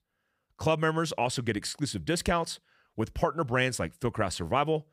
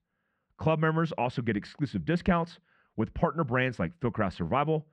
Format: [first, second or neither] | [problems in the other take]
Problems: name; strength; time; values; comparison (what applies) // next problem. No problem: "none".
first | muffled; very; fading above 2 kHz